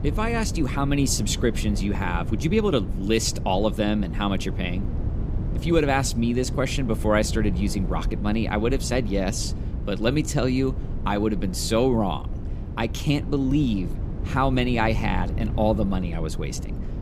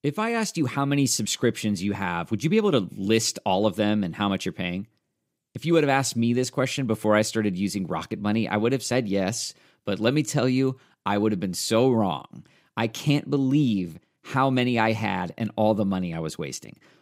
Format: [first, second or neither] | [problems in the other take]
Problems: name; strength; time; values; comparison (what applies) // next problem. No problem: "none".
second | low rumble; noticeable; throughout; 15 dB below the speech